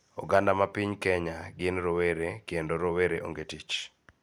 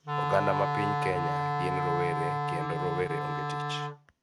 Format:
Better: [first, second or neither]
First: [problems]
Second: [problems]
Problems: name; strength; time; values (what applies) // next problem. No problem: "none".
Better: first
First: none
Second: noise reduction (neural mask model RNNoise)